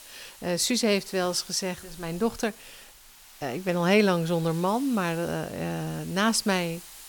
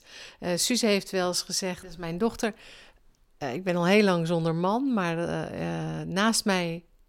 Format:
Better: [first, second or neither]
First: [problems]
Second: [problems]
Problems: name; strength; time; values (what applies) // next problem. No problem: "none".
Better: second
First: hiss; noticeable; throughout; 20 dB below the speech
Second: none